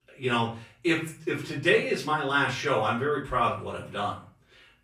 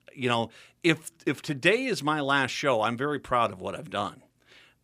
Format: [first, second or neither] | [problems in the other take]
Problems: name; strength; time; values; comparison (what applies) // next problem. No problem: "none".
second | off-mic speech; far // room echo; slight; dies away in 0.4 s